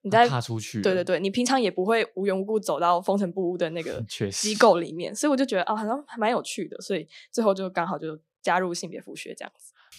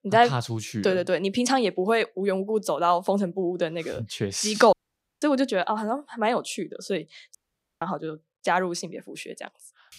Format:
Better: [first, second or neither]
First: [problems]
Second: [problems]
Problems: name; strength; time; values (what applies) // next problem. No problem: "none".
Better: first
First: none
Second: audio cutting out; at 4.5 s and at 7.5 s